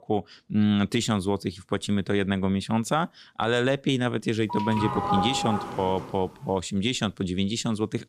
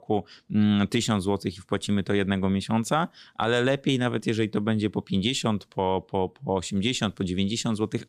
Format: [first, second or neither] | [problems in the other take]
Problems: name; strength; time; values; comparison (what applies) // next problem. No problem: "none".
second | doorbell; loud; from 4.5 to 6 s; peak level with the speech